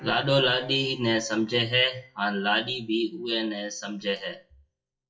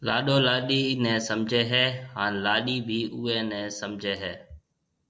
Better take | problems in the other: second | noise reduction (classical method WPE with log-MMSE)

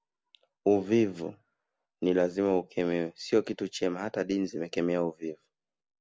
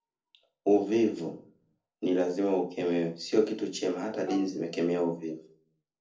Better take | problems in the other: first | noise reduction (neural separator model SepFormer DNS4)

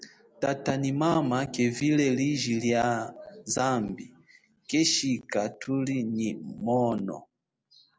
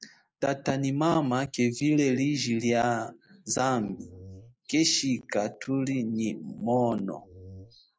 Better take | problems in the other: first | noise reduction (neural mask model Resemble Enhance denoiser)

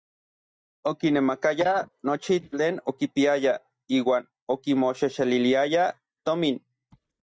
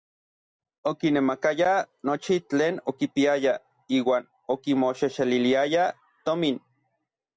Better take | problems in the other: second | noise reduction (neural mask model DeepFilterNet 3)

